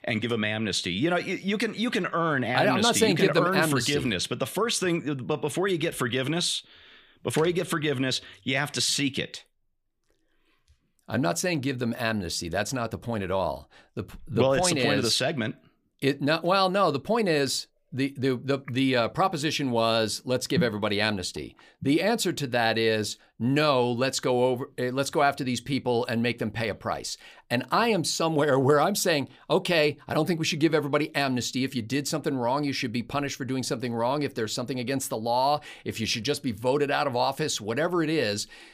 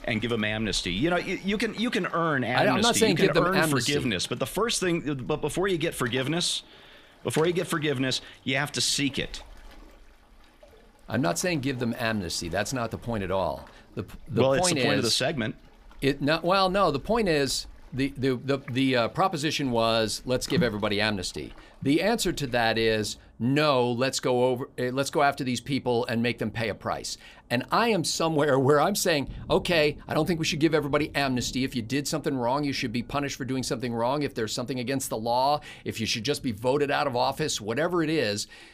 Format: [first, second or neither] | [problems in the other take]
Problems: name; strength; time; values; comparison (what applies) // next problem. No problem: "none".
first | rain or running water; faint; throughout; 25 dB below the speech